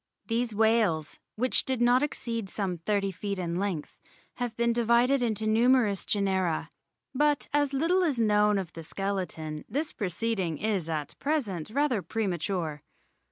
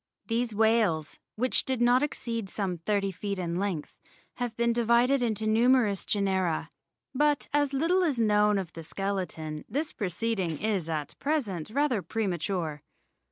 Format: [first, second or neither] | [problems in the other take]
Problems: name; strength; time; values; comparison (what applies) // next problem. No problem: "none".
first | noise reduction (neural separator model SepFormer DNS4)